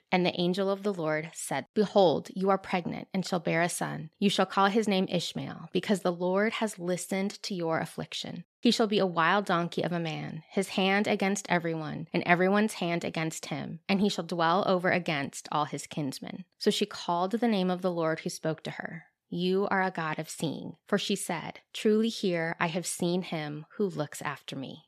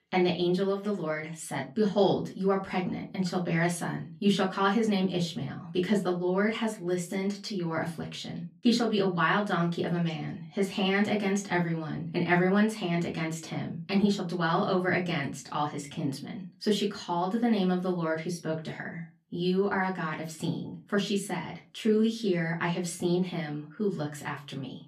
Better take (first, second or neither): first